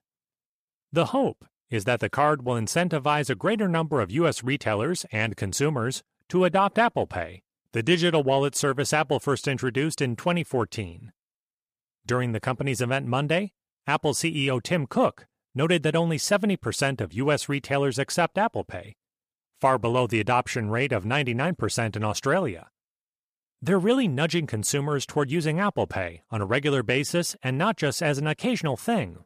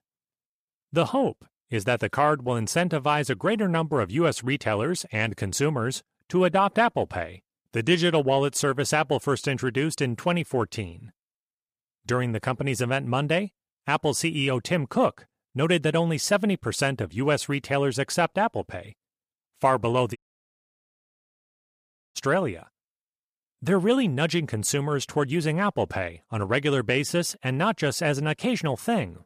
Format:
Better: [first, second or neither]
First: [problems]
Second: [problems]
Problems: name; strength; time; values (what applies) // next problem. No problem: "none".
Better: first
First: none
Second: audio cutting out; at 20 s for 2 s